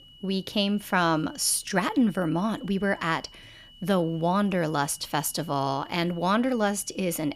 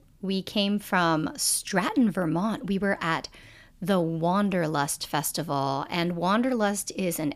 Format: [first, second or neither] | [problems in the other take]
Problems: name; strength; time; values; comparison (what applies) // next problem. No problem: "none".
second | high-pitched whine; faint; throughout; 3 kHz, 25 dB below the speech